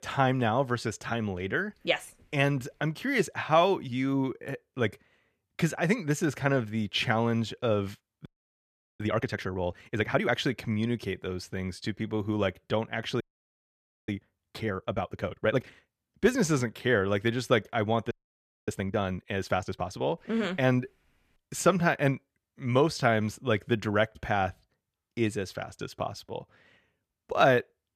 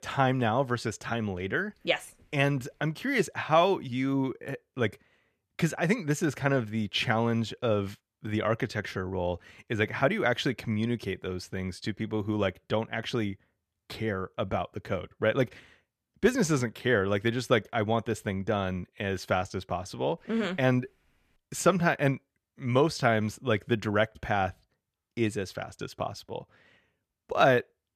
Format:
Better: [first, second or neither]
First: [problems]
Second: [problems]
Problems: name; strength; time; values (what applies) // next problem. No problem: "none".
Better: second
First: audio freezing; at 8.5 s for 0.5 s, at 13 s for 1 s and at 18 s for 0.5 s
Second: none